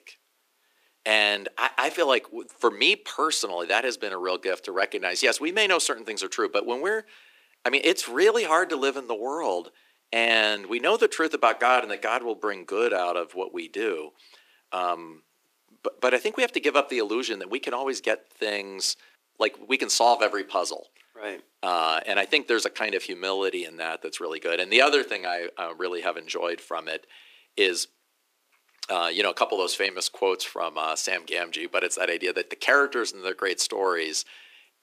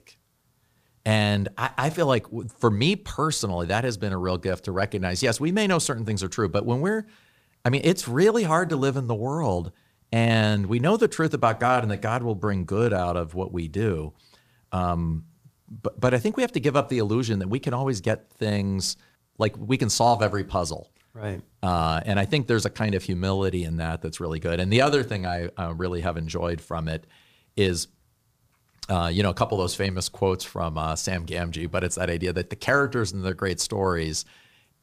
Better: second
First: thin; very; fading below 300 Hz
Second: none

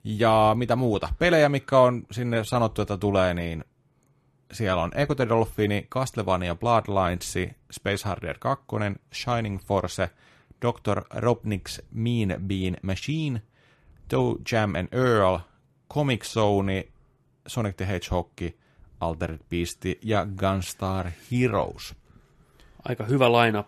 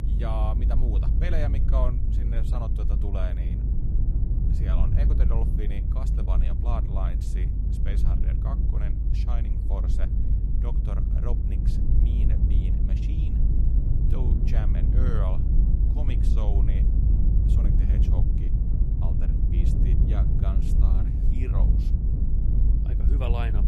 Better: first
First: none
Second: low rumble; loud; throughout; 1 dB below the speech

